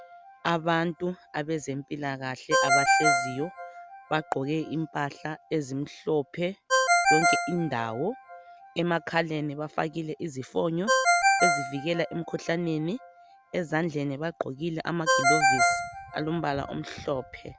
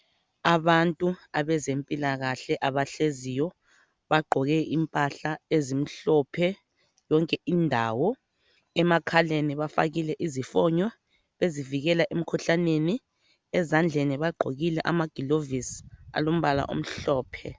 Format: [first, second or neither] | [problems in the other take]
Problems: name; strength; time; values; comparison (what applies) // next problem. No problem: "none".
second | background sound (Ringtone); 1 dB above the speech